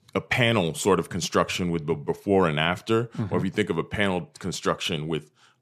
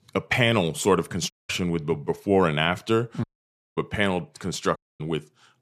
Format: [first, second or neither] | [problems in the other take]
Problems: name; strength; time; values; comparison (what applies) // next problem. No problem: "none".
first | audio cutting out; at 1.5 s, at 3 s for 0.5 s and at 5 s